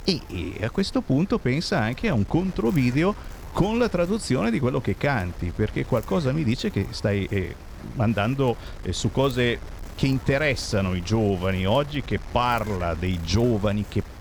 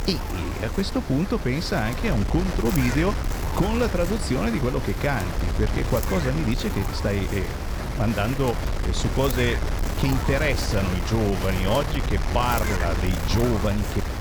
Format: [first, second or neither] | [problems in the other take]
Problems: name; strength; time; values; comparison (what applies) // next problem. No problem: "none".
first | wind noise on the microphone; heavy; 4 dB below the speech; occasional gusts in the first